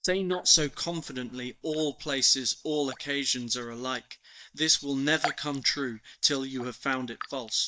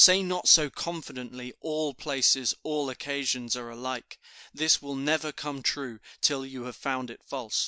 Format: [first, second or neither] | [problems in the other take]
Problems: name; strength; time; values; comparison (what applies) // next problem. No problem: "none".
second | noise reduction (neural mask model DeepFilterNet 3)